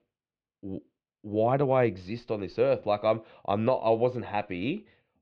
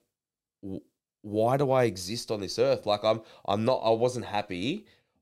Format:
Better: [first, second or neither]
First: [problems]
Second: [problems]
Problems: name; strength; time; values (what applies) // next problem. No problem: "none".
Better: second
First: muffled; very; fading above 3 kHz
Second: none